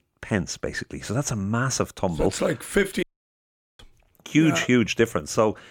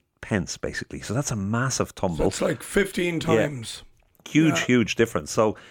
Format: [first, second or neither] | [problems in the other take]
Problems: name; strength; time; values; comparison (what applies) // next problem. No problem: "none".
second | audio cutting out; at 3 s for 1 s